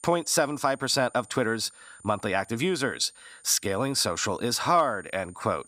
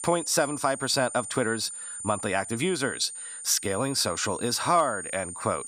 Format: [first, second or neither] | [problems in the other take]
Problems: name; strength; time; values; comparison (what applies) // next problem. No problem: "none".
first | high-pitched whine; loud; throughout; 9 kHz, 9 dB below the speech; faint in the first